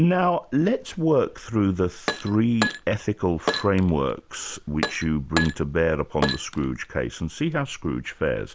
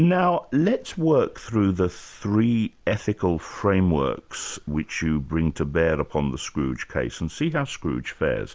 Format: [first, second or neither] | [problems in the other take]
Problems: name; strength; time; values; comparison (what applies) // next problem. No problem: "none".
second | background sound (Glass); 8 dB below the speech